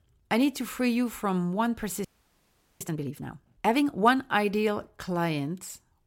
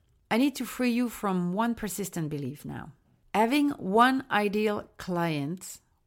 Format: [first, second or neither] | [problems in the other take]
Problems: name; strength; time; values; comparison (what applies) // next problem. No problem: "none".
second | audio freezing; at 2 s for 1 s